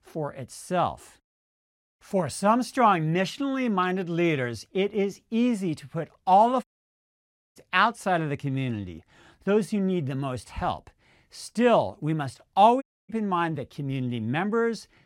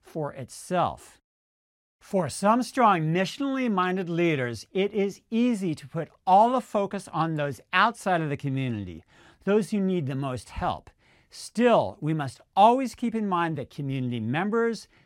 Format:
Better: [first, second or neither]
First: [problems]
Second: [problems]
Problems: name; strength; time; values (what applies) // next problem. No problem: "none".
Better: second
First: audio cutting out; at 6.5 s for 1 s and at 13 s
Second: none